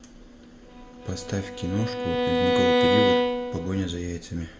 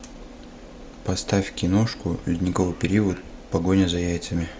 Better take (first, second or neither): second